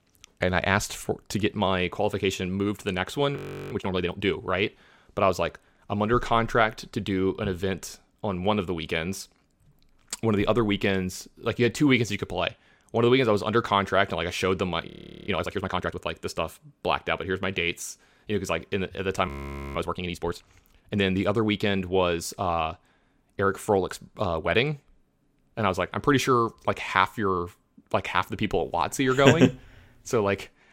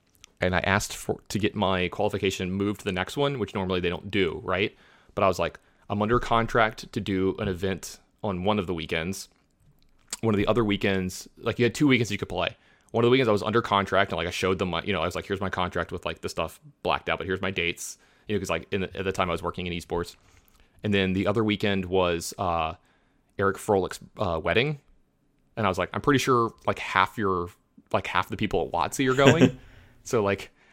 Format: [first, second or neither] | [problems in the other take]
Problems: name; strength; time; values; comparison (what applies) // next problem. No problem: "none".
second | audio freezing; at 3.5 s, at 15 s and at 19 s